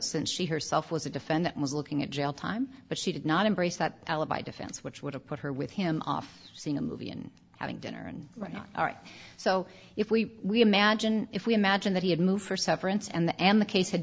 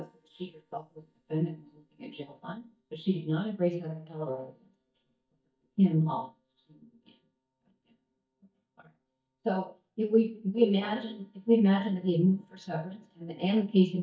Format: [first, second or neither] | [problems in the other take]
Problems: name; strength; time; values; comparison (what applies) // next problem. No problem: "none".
first | noise reduction (neural mask model DeepFilterNet 3)